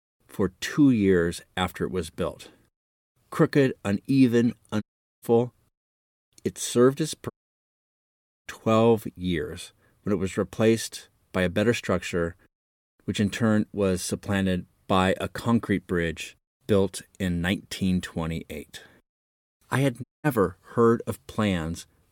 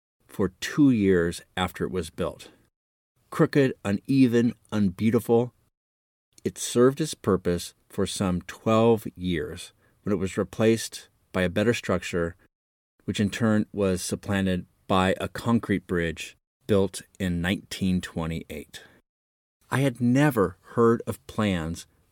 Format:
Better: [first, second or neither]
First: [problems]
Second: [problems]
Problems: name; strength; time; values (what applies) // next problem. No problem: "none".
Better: second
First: audio cutting out; at 5 s, at 7.5 s for 1 s and at 20 s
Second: none